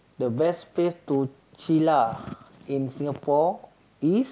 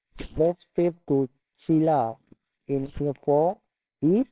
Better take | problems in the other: first | noise reduction (neural separator model SepFormer WHAMR!)

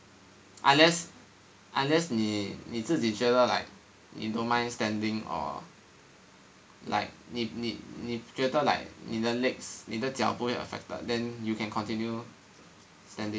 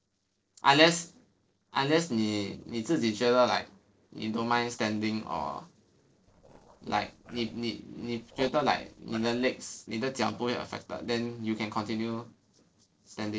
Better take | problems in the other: first | noise reduction (neural separator model SepFormer DNS4)

